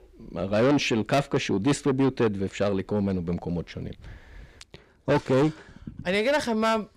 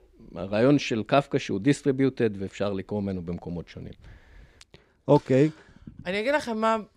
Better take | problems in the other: second | distortion; heavy; 7 dB below the speech

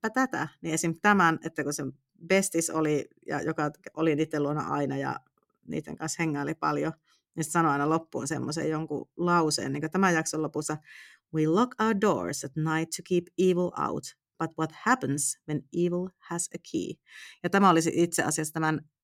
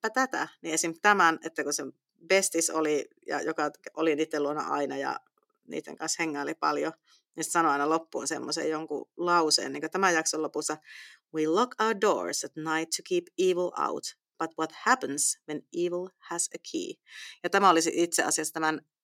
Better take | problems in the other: first | thin; somewhat; fading below 400 Hz

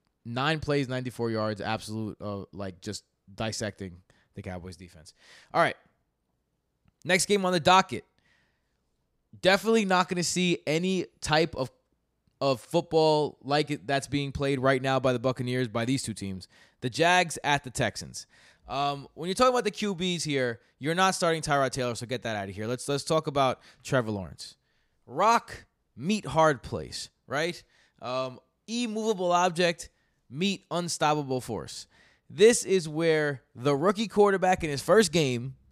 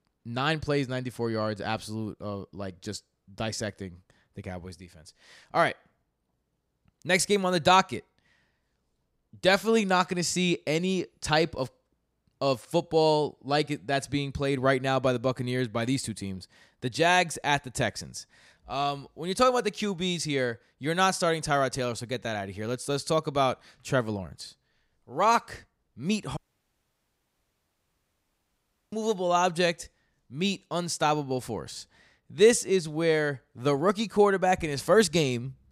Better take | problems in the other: first | audio cutting out; at 26 s for 2.5 s

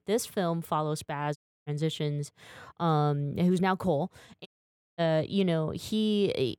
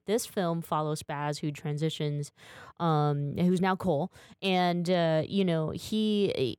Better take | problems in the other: second | audio cutting out; at 1.5 s and at 4.5 s for 0.5 s

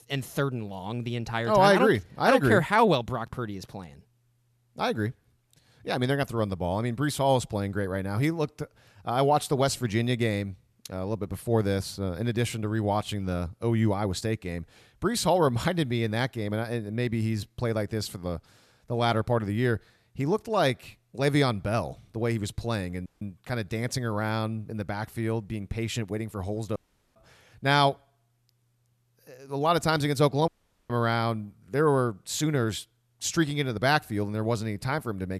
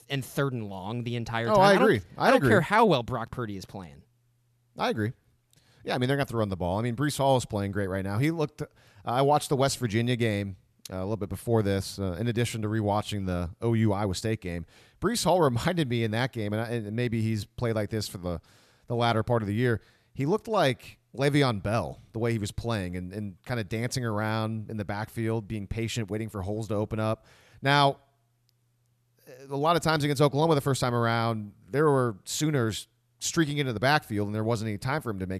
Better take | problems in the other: second | audio cutting out; at 23 s, at 27 s and at 30 s

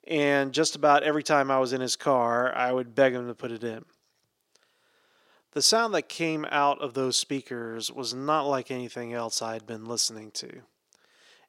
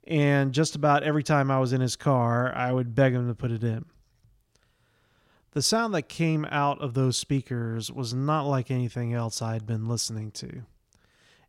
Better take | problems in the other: second | thin; somewhat; fading below 400 Hz

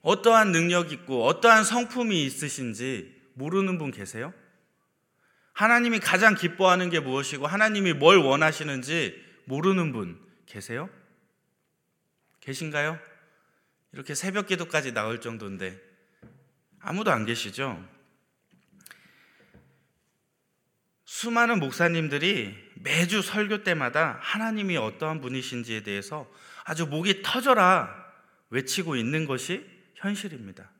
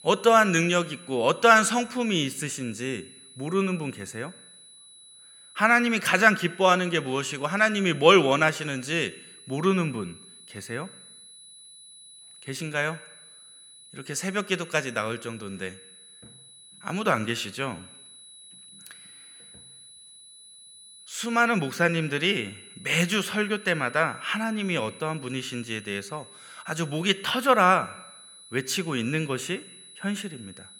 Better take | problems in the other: first | high-pitched whine; faint; throughout; 4 kHz, 20 dB below the speech

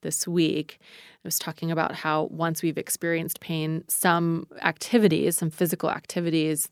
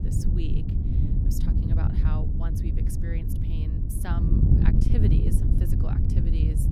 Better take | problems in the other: first | wind noise on the microphone; heavy; 4 dB above the speech

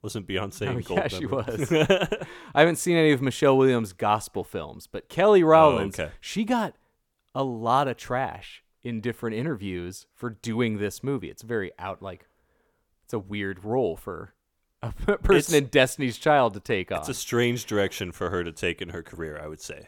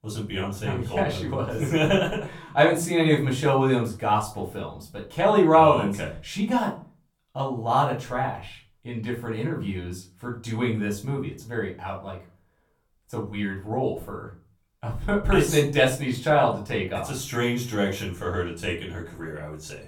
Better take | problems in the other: first | off-mic speech; far // room echo; slight; dies away in 0.3 s

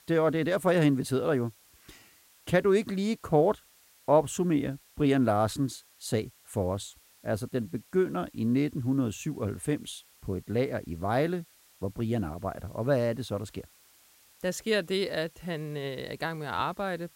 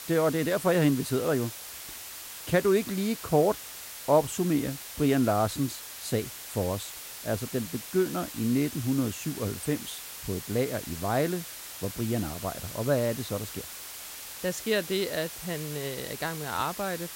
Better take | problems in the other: first | hiss; loud; throughout; 9 dB below the speech; faint in the first

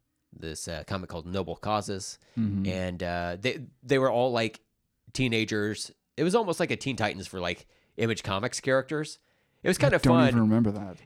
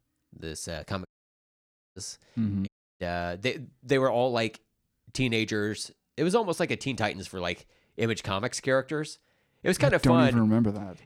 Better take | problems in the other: first | audio cutting out; at 1 s for 1 s and at 2.5 s

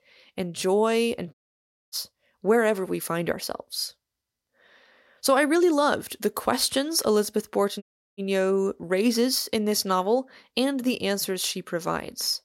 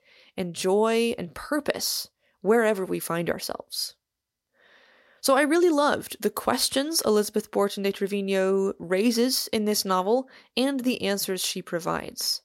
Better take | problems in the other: second | audio cutting out; at 1.5 s for 0.5 s and at 8 s

